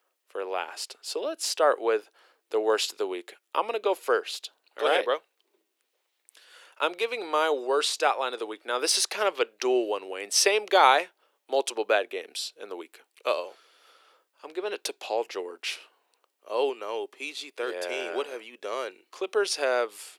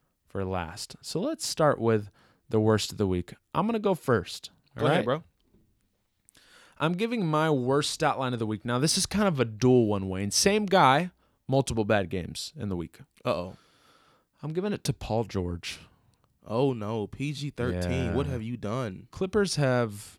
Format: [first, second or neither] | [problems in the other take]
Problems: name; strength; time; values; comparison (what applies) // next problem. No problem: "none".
second | thin; very; fading below 400 Hz